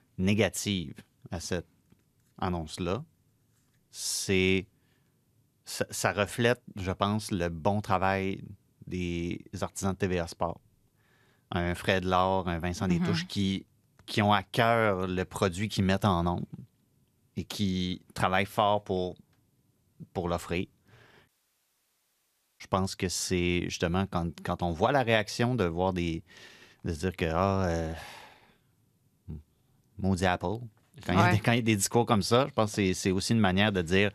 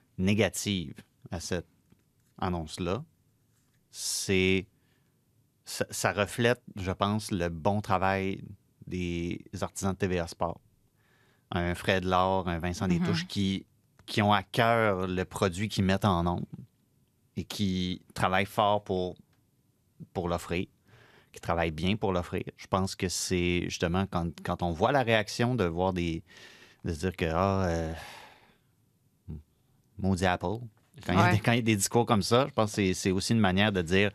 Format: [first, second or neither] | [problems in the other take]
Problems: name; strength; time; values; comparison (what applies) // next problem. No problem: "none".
second | audio cutting out; at 21 s for 1.5 s